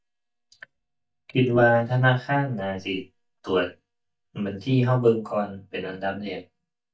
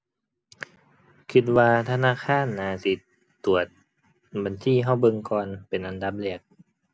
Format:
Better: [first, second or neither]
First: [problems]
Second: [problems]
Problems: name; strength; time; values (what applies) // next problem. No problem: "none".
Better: second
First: noise reduction (neural mask model DeepFilterNet 3)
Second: none